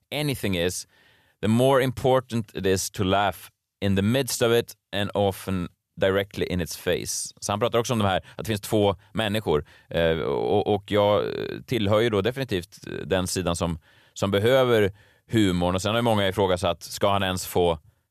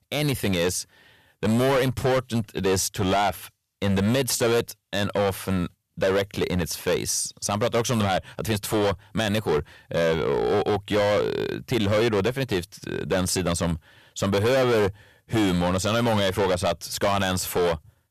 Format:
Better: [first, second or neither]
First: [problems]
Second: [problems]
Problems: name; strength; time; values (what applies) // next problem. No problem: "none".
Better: first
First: none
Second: distortion; heavy; 14% of the sound clipped